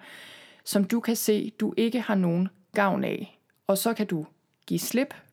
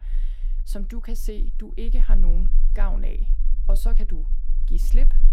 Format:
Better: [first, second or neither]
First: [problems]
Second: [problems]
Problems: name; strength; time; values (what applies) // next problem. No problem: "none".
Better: first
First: none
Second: low rumble; noticeable; throughout; 15 dB below the speech